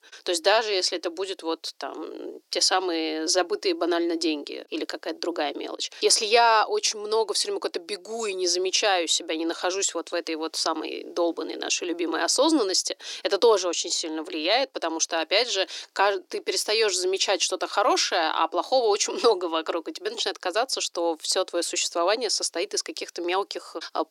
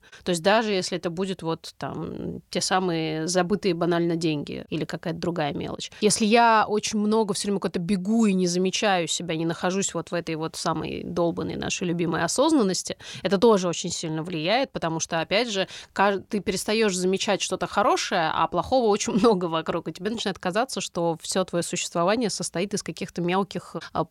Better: second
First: thin; very; fading below 300 Hz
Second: none

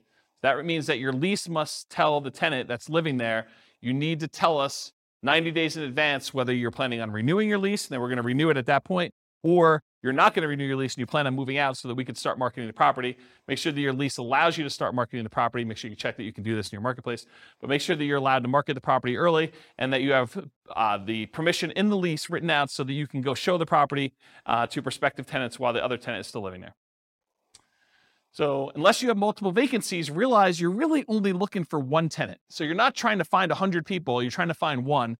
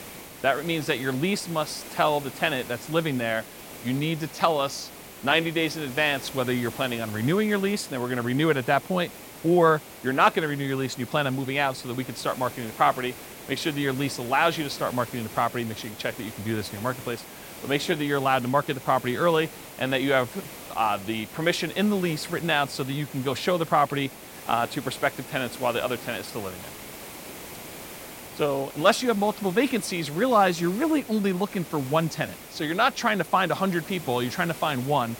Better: first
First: none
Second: hiss; noticeable; throughout; 15 dB below the speech

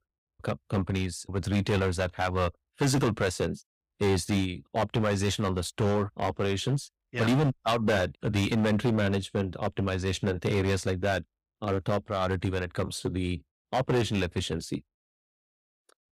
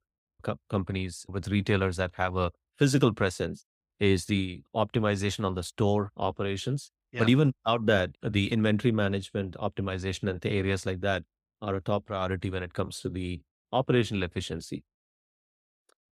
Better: second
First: distortion; heavy; 8% of the sound clipped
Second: none

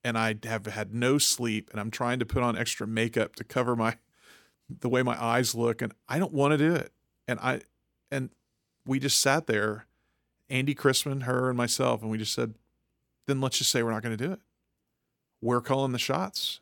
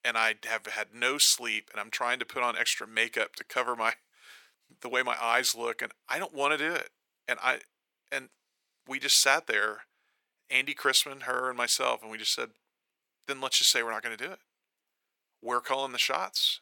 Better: first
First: none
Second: thin; very; fading below 700 Hz

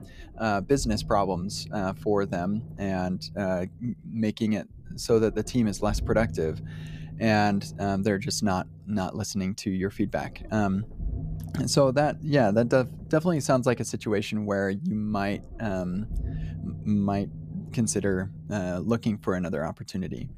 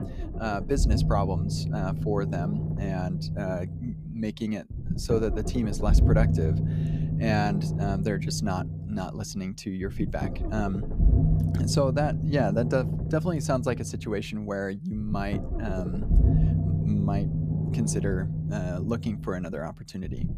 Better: first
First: low rumble; faint; throughout; 20 dB below the speech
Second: low rumble; loud; throughout; 6 dB below the speech

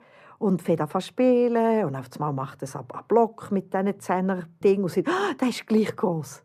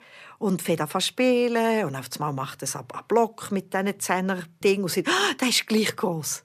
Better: second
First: muffled; slightly; fading above 1.5 kHz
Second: none

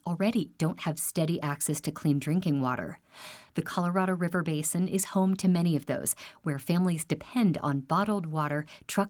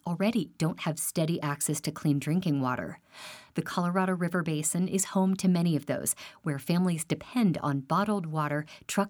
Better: second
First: garbled, watery; slightly; nothing above 19 kHz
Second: none

